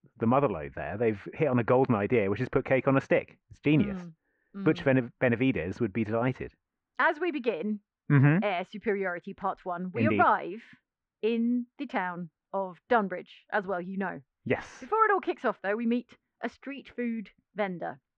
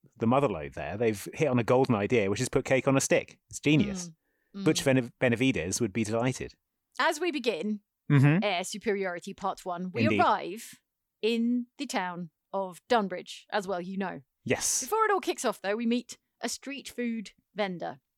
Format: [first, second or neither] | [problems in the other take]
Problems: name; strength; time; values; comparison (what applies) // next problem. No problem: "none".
second | muffled; very; fading above 2.5 kHz